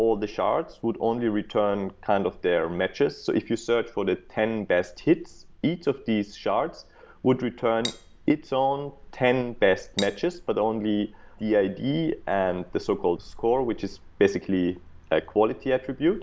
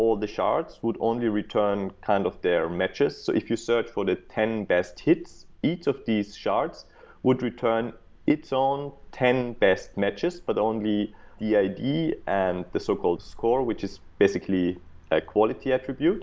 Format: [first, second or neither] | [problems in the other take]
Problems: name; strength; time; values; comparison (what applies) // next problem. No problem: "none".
second | background sound (Cutlery, silverware); 13 dB below the speech